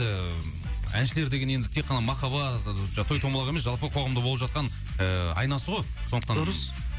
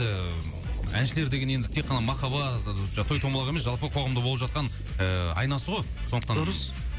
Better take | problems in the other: first | background sound (Thunder); 18 dB below the speech

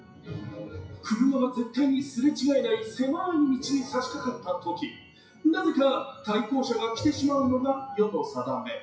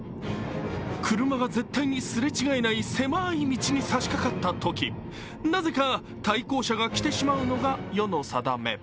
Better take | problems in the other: second | noise reduction (classical method WPE with log-MMSE)

